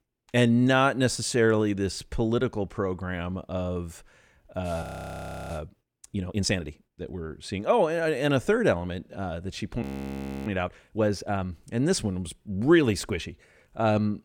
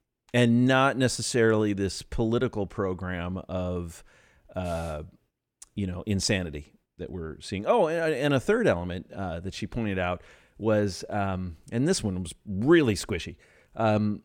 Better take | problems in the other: second | audio freezing; at 5 s for 0.5 s and at 10 s for 0.5 s

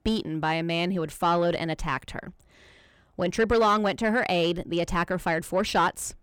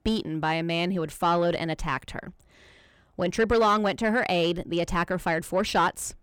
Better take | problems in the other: neither | distortion; slight; 10 dB below the speech; the same in both

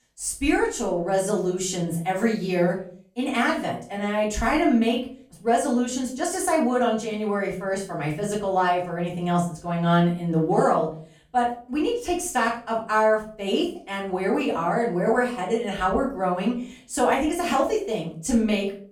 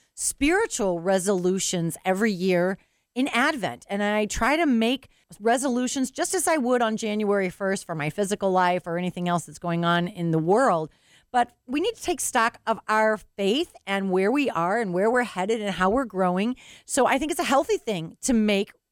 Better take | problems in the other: second | off-mic speech; far // room echo; slight; dies away in 0.4 s

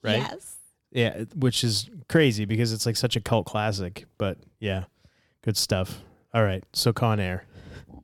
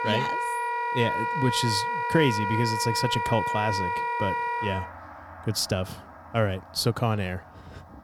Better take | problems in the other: first | background music; very loud; throughout; as loud as the speech

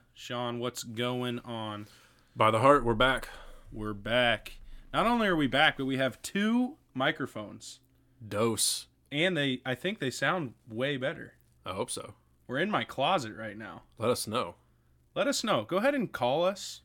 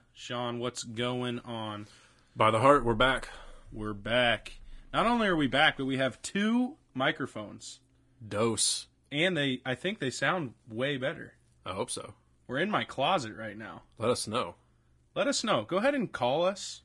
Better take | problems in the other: first | garbled, watery; slightly; nothing above 10 kHz

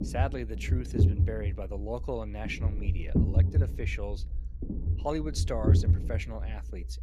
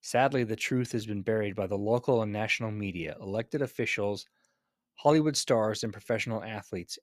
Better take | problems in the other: second | low rumble; loud; throughout; 4 dB below the speech

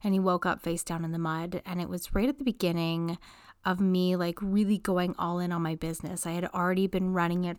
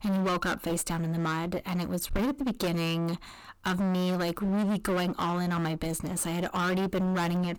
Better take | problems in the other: first | distortion; heavy; 30% of the sound clipped

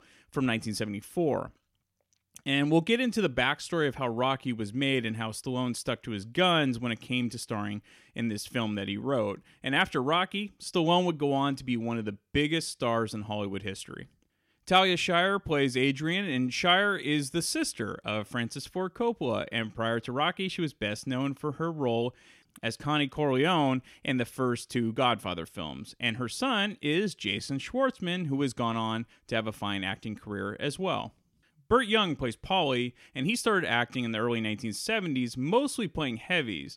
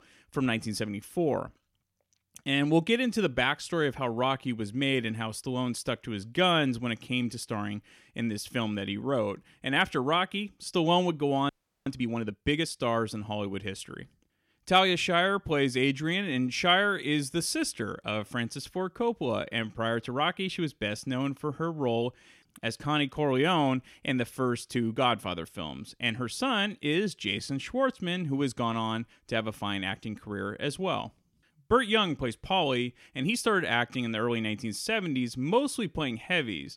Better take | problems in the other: first | audio freezing; at 11 s

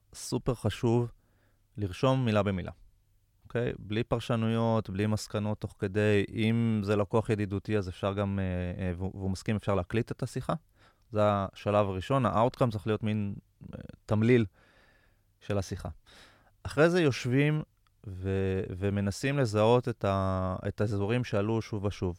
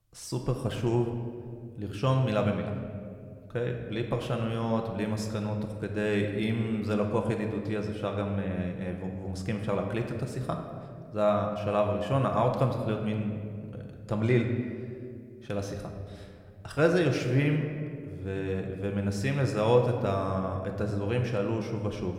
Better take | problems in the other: first | room echo; slight; dies away in 1.5 s

